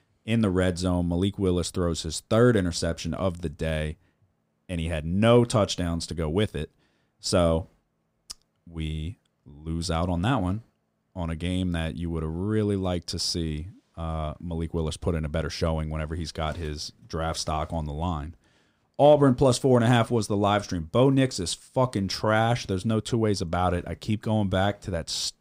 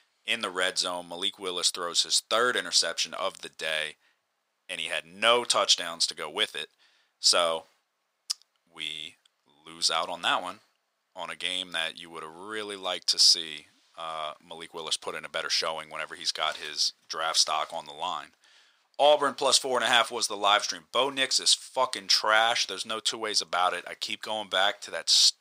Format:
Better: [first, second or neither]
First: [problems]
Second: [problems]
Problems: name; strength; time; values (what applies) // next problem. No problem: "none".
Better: first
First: none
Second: thin; very; fading below 950 Hz